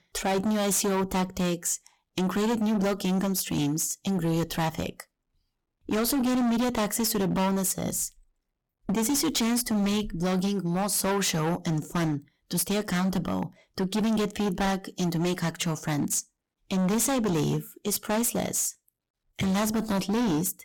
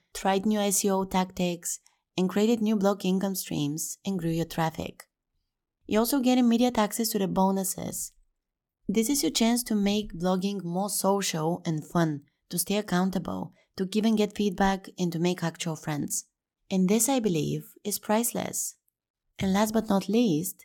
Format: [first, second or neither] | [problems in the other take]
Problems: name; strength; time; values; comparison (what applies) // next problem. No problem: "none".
second | distortion; heavy; 22% of the sound clipped